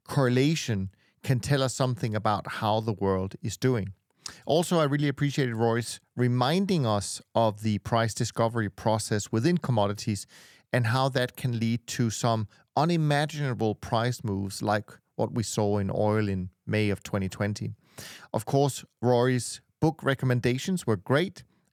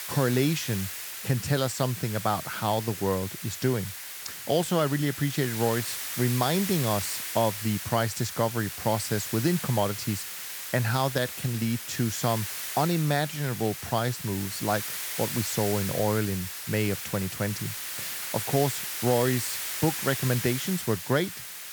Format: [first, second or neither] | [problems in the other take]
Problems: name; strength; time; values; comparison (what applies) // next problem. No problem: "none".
first | hiss; loud; throughout; 5 dB below the speech